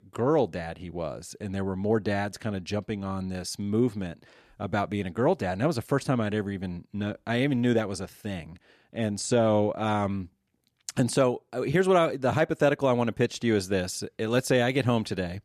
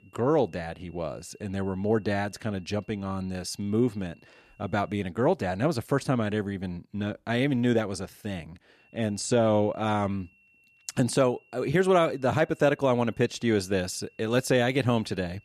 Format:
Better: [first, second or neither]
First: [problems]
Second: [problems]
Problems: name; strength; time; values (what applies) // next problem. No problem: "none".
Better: first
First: none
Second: high-pitched whine; faint; until 5 s and from 9 s on; 2.5 kHz, 35 dB below the speech